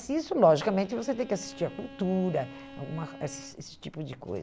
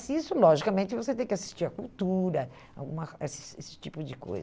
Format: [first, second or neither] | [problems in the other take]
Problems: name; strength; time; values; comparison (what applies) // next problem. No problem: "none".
second | background sound (Bowed string instrument); 18 dB below the speech